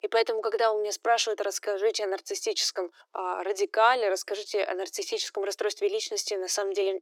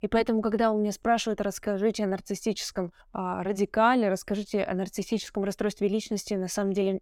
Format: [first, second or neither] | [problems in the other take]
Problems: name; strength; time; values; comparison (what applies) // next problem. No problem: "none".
second | thin; very; fading below 350 Hz